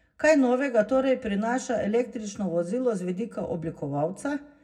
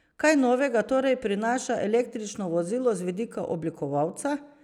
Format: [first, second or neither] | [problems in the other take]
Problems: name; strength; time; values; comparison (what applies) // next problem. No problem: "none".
second | room echo; dies away in 0.4 s